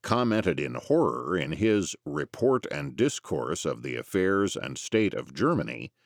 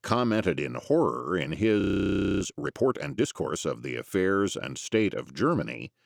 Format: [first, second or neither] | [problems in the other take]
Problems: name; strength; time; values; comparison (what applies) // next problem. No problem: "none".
first | audio freezing; at 2 s for 0.5 s